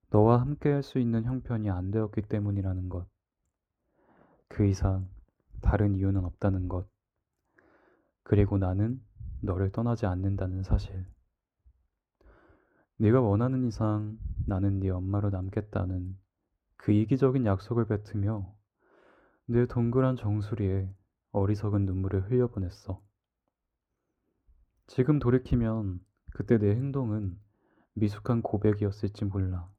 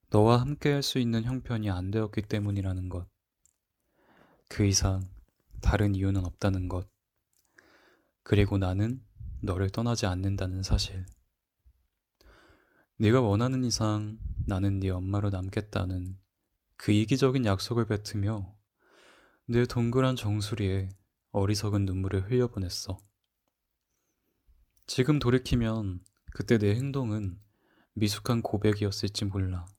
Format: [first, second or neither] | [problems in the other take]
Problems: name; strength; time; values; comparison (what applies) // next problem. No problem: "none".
second | muffled; very; fading above 2.5 kHz